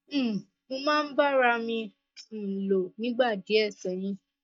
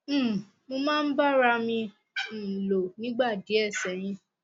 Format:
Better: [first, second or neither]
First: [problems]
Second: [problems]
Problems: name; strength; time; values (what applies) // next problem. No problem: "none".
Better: second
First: noise reduction (neural mask model DeepFilterNet 3)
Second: none